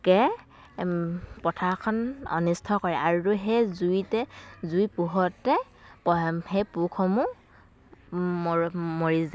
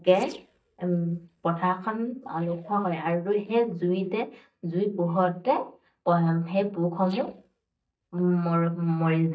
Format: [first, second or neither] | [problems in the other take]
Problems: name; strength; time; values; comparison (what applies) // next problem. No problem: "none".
first | noise reduction (neural mask model DeepFilterNet 3)